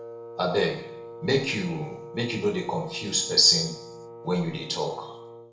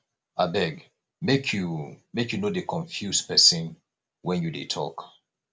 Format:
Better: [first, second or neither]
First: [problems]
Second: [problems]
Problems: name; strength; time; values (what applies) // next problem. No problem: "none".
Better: second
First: background sound (Wind instrument, woodwind instrument); 14 dB below the speech // room echo; dies away in 0.6 s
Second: none